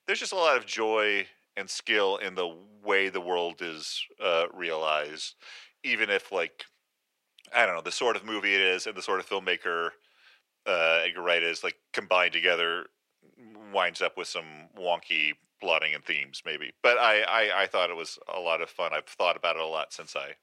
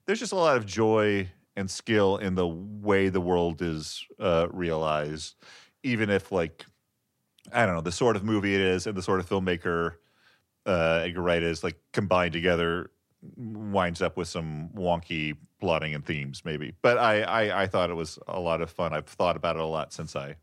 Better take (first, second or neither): second